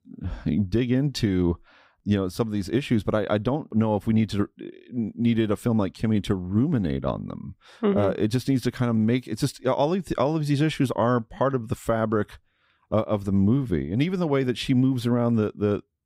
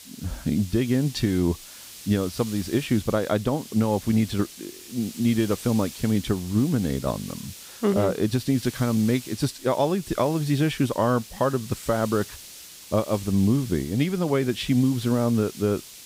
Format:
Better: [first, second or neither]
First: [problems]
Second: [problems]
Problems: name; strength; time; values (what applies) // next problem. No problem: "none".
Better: first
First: none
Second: hiss; noticeable; throughout; 15 dB below the speech